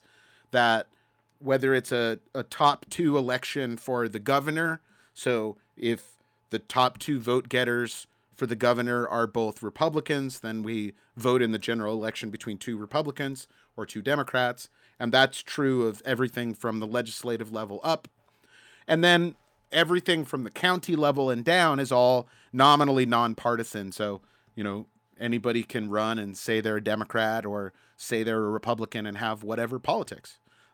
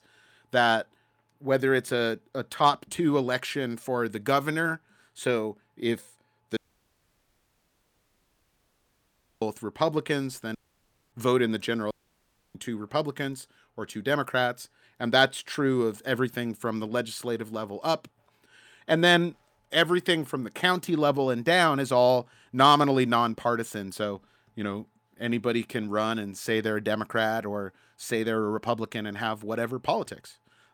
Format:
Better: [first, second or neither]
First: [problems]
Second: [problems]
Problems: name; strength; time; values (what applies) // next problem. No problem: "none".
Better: first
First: none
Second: audio cutting out; at 6.5 s for 3 s, at 11 s for 0.5 s and at 12 s for 0.5 s